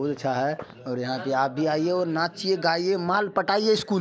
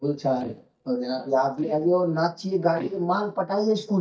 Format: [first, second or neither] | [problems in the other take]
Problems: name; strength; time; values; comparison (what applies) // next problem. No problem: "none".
first | noise reduction (neural mask model DeepFilterNet 3)